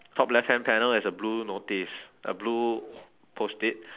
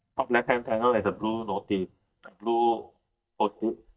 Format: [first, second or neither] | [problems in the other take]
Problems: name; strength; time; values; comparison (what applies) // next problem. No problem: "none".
first | noise reduction (neural mask model DeepFilterNet 3)